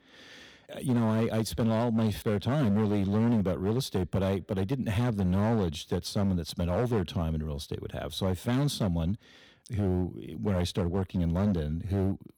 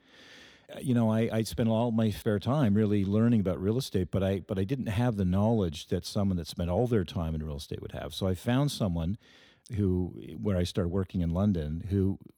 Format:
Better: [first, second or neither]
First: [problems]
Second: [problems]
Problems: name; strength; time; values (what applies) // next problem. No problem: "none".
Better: second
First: distortion; slight; 9% of the sound clipped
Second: none